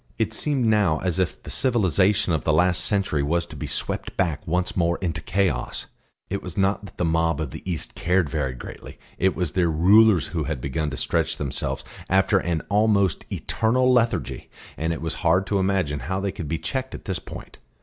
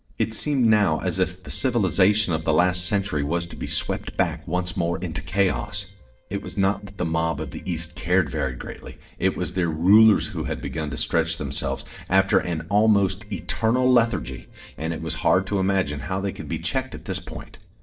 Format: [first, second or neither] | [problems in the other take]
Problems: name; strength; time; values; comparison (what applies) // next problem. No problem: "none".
first | noise reduction (neural separator model SepFormer DNS4)